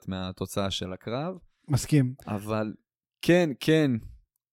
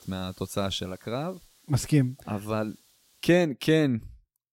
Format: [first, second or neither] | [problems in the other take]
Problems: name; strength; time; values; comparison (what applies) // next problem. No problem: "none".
first | hiss; faint; until 3.5 s; 30 dB below the speech